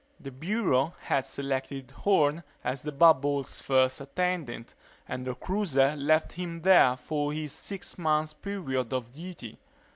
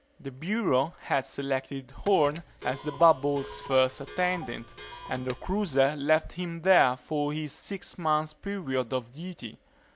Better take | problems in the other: first | background sound (Clock); 15 dB below the speech

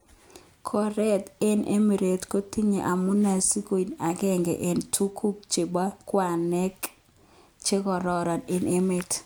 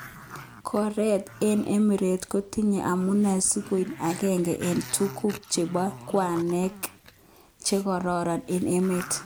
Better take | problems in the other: first | background sound (Growling); 18 dB below the speech

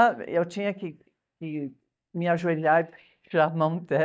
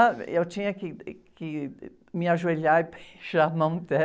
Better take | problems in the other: second | noise reduction (neural mask model DeepFilterNet 3)

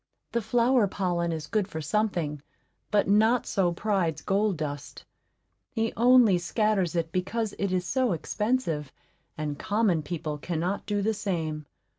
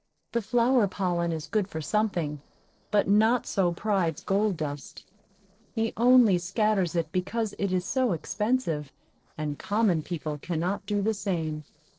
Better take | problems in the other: first | noise reduction (neural separator model SepFormer DNS4)

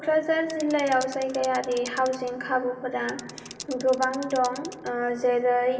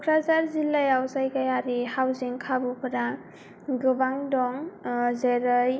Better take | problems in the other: second | background sound (Mechanisms / Bicycle); 18 dB below the speech // room echo; dies away in 2.8 s

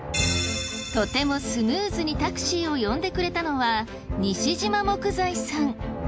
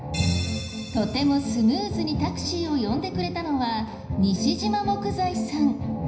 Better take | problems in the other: first | room echo; dies away in 0.9 s

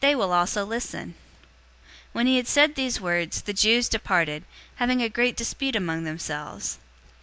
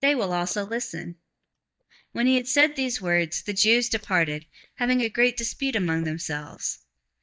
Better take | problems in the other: first | noise reduction (neural mask model DeepFilterNet 3)

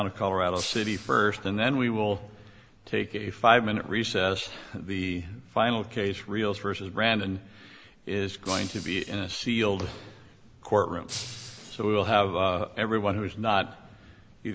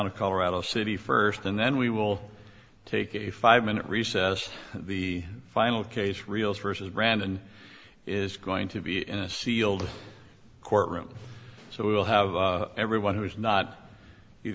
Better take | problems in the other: second | background sound (Shatter); 14 dB below the speech

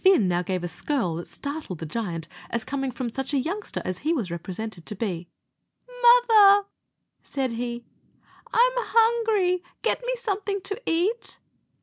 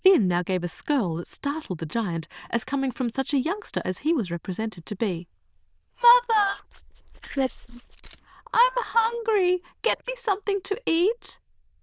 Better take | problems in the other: first | noise reduction (neural diffusion model UNIVERSE++)

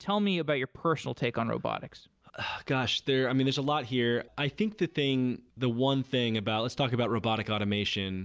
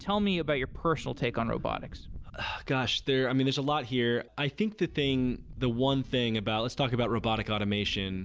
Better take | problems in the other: first | background sound (Wind); 16 dB below the speech

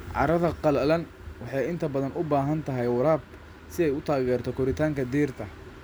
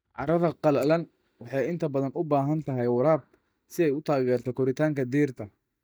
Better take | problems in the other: first | noise reduction (neural mask model DeepFilterNet 3)

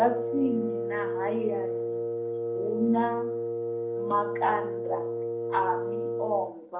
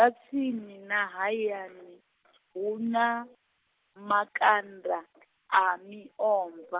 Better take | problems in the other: second | background sound (Wind instrument, woodwind instrument); as loud as the speech // room echo; dies away in 0.6 s

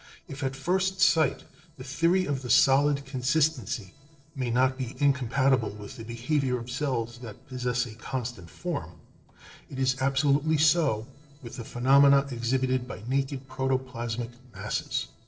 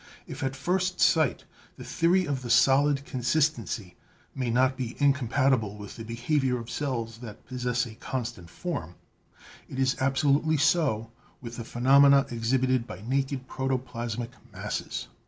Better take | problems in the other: second | noise reduction (neural separator model SepFormer DNS4)

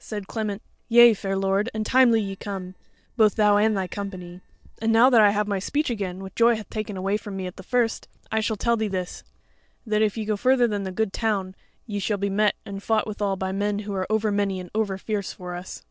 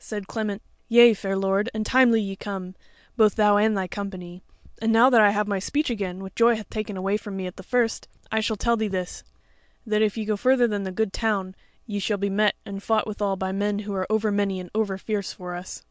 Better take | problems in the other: second | noise reduction (neural separator model SepFormer DNS4)

